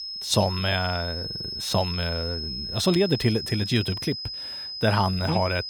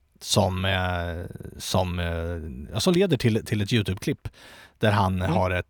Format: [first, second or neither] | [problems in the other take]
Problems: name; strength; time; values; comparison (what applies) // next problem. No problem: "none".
second | high-pitched whine; loud; throughout; 5 kHz, 5 dB below the speech